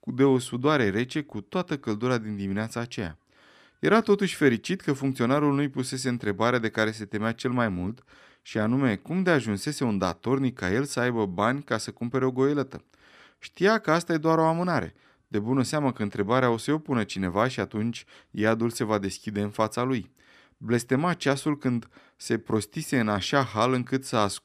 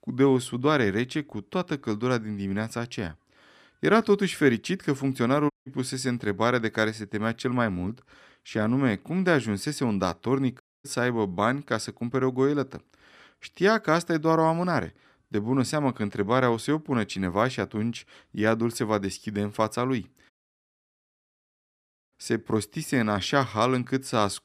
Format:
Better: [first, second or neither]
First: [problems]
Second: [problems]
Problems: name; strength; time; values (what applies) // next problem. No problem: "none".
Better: first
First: none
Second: audio cutting out; at 5.5 s, at 11 s and at 20 s for 2 s